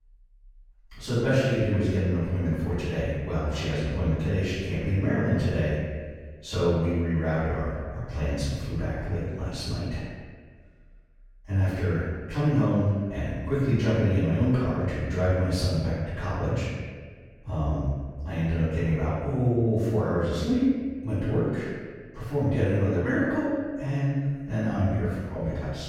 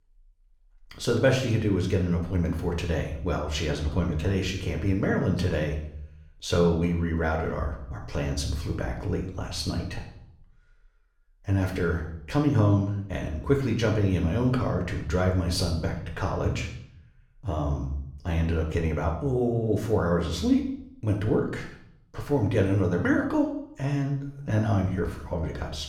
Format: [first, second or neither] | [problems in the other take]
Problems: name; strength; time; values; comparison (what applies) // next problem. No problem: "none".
second | room echo; strong; dies away in 1.5 s; slight in the second // off-mic speech; far; somewhat distant in the second